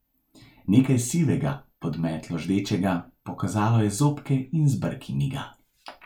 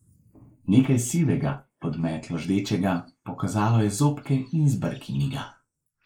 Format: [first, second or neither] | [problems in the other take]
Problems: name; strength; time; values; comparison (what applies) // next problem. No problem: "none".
first | noise reduction (neural mask model Resemble Enhance denoiser)